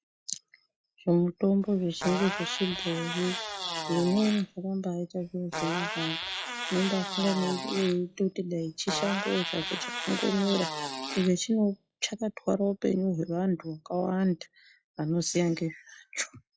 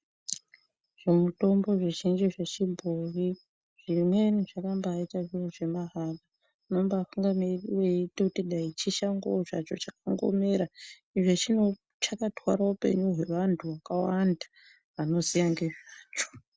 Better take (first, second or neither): second